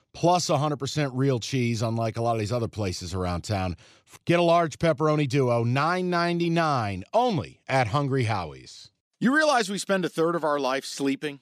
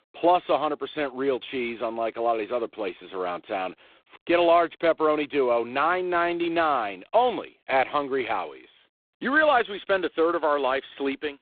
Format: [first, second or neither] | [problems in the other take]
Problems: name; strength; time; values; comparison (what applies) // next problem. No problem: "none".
first | phone-call audio; poor line; nothing above 3.5 kHz